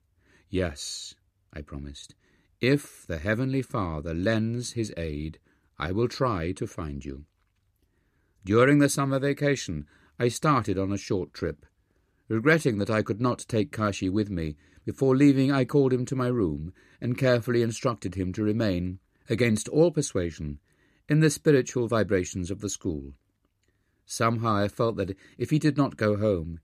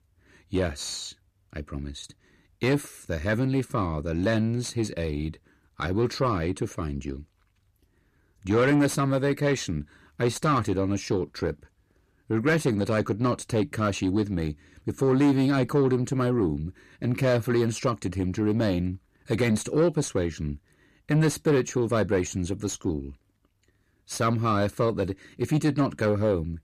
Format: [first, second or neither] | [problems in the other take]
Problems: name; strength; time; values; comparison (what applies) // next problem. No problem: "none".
first | distortion; slight; 10 dB below the speech